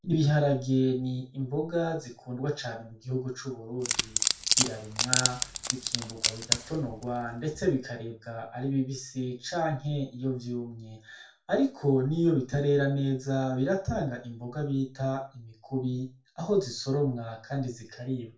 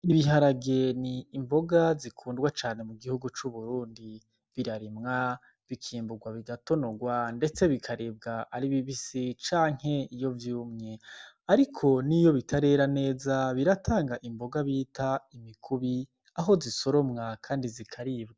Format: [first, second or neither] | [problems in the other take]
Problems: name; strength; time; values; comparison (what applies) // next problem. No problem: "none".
second | background sound (Wood); as loud as the speech // room echo; dies away in 0.3 s